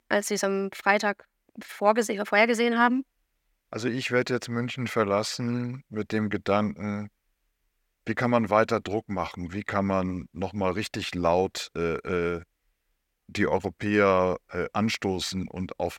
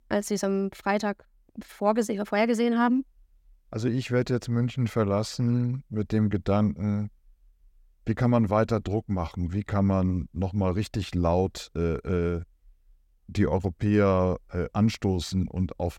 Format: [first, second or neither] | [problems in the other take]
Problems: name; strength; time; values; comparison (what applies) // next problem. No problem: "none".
second | thin; very slightly; fading below 400 Hz